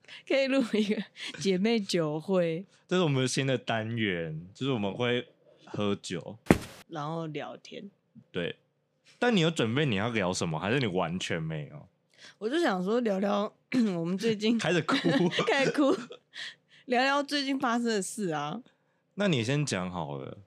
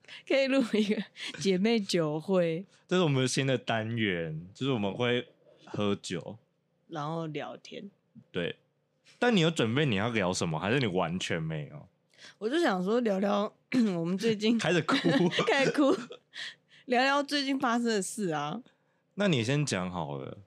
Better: second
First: footsteps; loud; at 6.5 s; peak 2 dB above the speech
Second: none

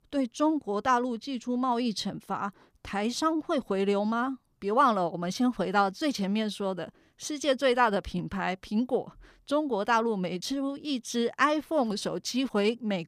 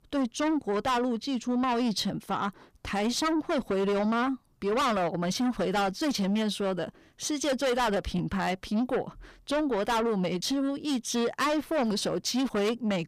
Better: first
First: none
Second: distortion; heavy; 7 dB below the speech

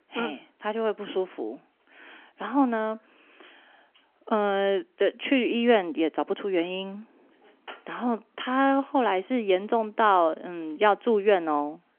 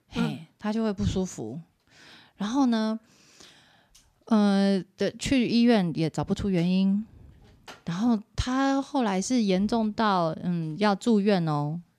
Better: second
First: phone-call audio; nothing above 3 kHz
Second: none

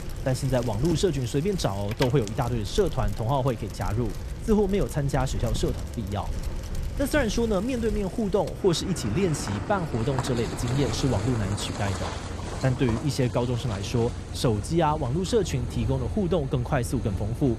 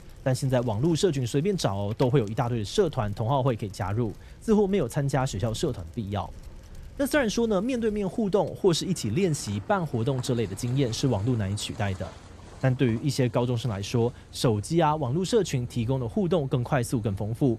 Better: second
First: traffic noise; loud; throughout; 8 dB below the speech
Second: traffic noise; faint; throughout; 20 dB below the speech

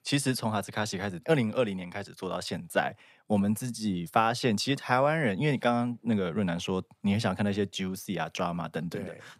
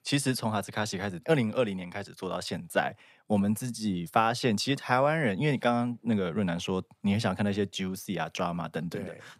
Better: neither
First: none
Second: none

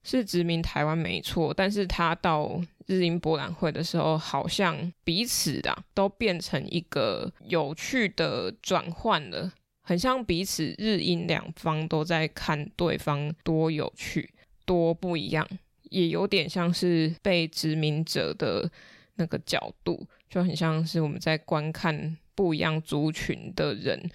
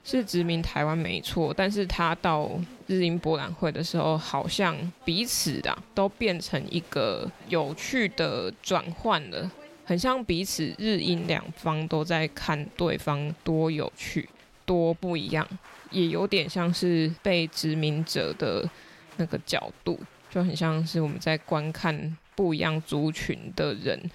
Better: first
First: none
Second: crowd noise; faint; throughout; 25 dB below the speech

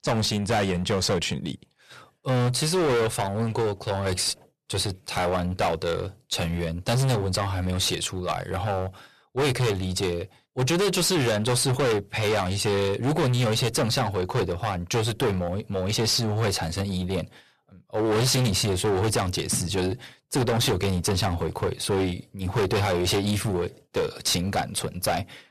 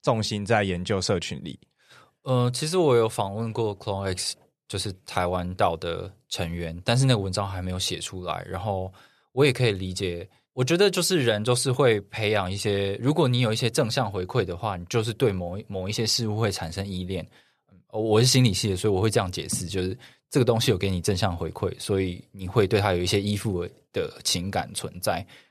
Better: second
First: distortion; heavy; 19% of the sound clipped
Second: none

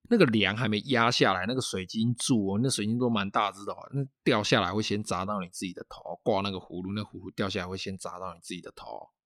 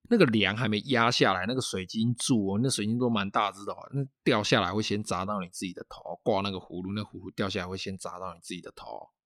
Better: neither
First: none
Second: none

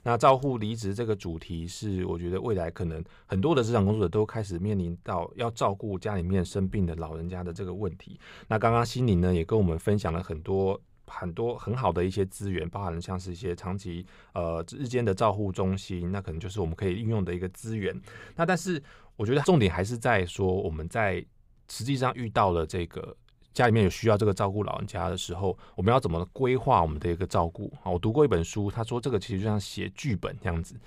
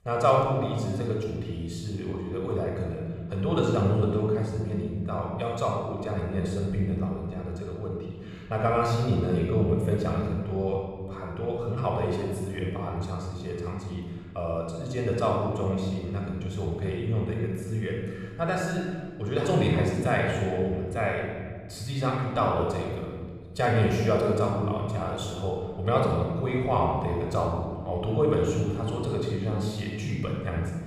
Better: first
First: none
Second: off-mic speech; somewhat distant // room echo; noticeable; dies away in 1.6 s

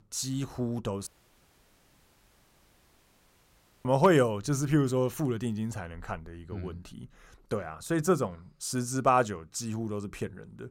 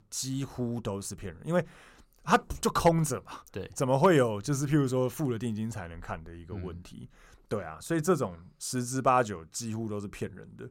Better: second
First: audio cutting out; at 1 s for 3 s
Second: none

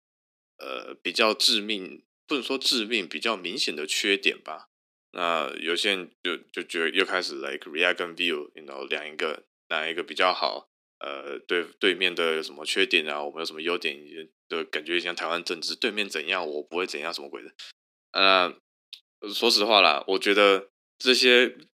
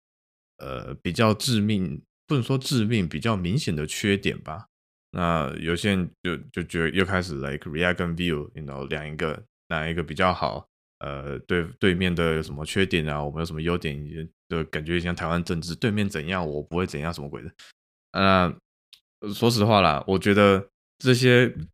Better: second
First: thin; somewhat; fading below 250 Hz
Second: none

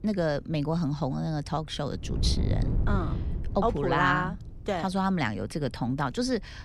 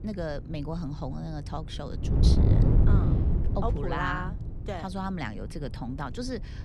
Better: first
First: wind noise on the microphone; occasional gusts; 15 dB below the speech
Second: wind noise on the microphone; heavy; 1 dB below the speech

